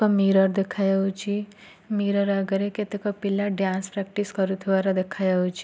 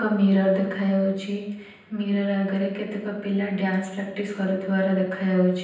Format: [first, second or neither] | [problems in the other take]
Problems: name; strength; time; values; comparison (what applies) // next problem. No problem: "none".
first | room echo; dies away in 0.9 s